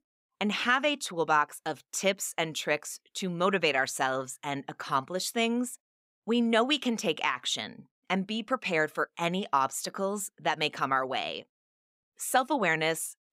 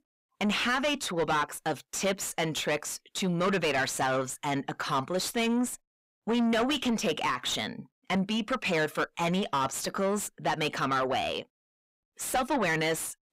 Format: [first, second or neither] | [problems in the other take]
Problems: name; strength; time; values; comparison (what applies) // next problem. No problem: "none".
first | distortion; heavy; 6 dB below the speech